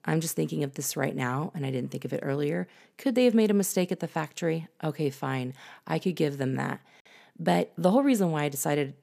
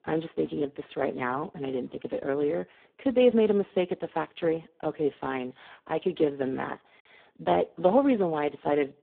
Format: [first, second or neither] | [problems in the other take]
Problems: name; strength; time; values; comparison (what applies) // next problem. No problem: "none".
first | phone-call audio; poor line